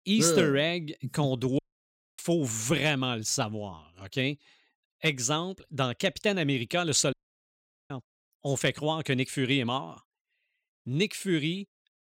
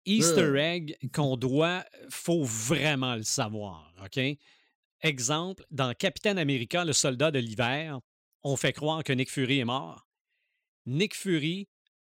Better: second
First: audio cutting out; at 1.5 s for 0.5 s and at 7 s for 1 s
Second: none

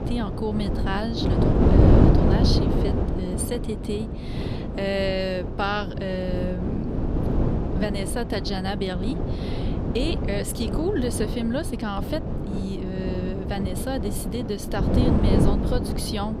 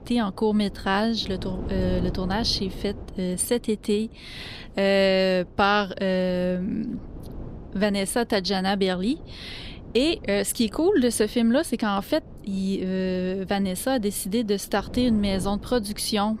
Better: second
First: wind noise on the microphone; heavy; 1 dB below the speech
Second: wind noise on the microphone; occasional gusts; 20 dB below the speech

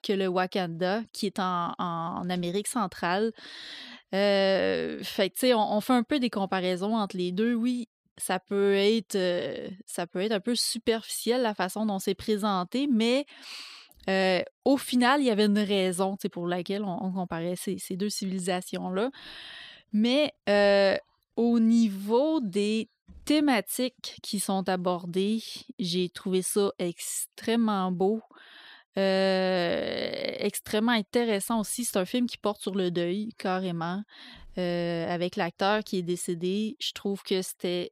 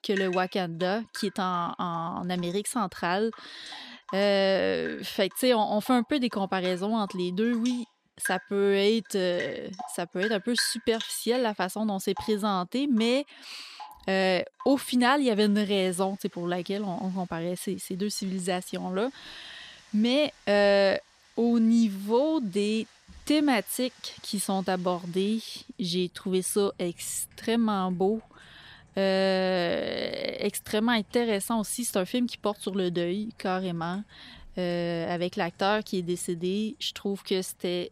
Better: first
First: none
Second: rain or running water; noticeable; throughout; 15 dB below the speech

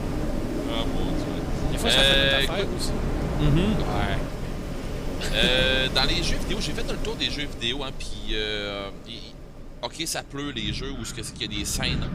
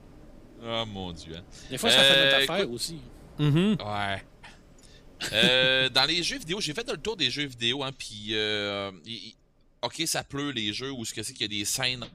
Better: second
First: wind in the background; loud; throughout; 5 dB below the speech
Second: wind in the background; faint; throughout; 30 dB below the speech

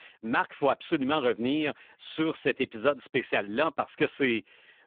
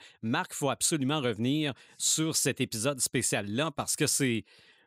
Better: second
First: phone-call audio; poor line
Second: none

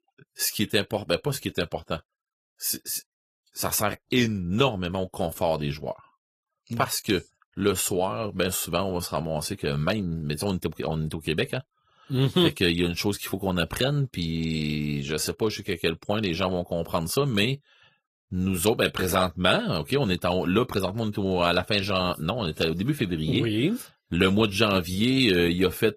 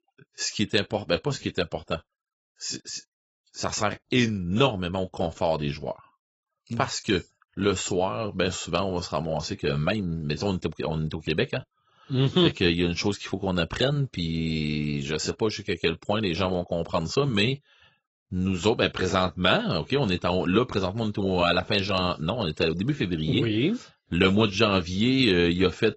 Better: first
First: garbled, watery; slightly; nothing above 14.5 kHz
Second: garbled, watery; badly; nothing above 7.5 kHz

